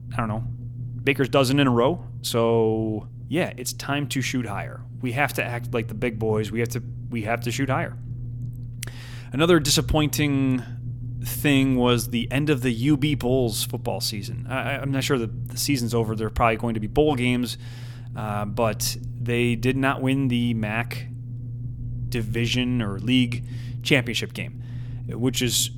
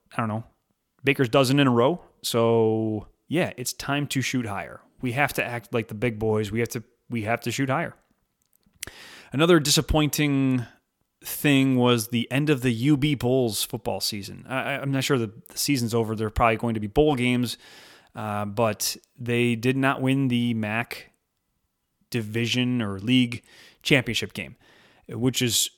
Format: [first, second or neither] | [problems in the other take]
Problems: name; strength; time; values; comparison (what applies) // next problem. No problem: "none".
second | low rumble; faint; throughout; 20 dB below the speech